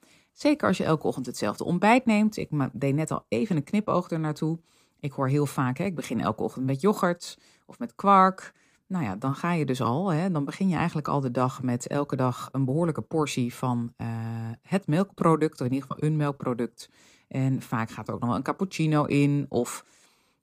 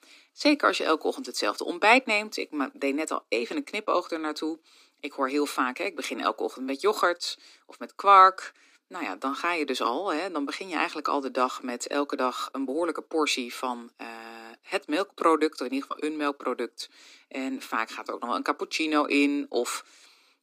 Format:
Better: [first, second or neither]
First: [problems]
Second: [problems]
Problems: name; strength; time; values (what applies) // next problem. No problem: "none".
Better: first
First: none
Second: thin; somewhat; fading below 250 Hz